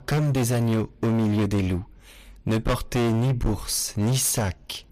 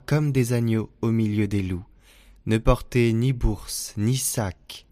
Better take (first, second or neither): second